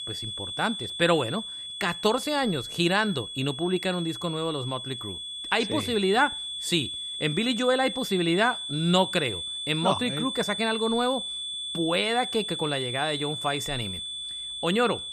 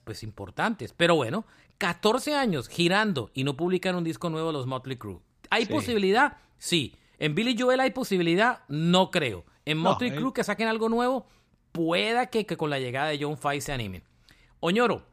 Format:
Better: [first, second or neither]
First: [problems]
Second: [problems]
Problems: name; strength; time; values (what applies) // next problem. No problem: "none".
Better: second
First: high-pitched whine; loud; throughout; 3.5 kHz, 5 dB below the speech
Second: none